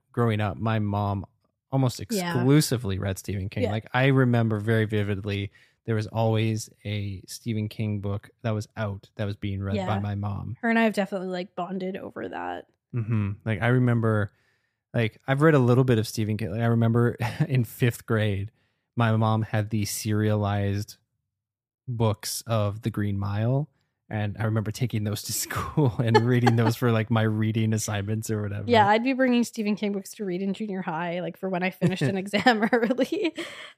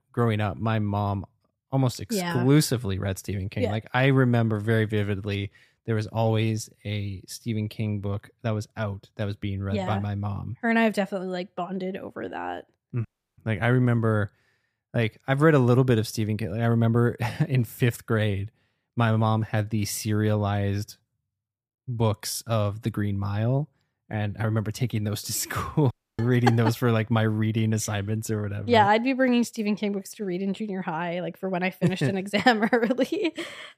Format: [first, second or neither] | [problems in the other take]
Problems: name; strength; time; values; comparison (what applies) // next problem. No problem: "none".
first | audio cutting out; at 13 s and at 26 s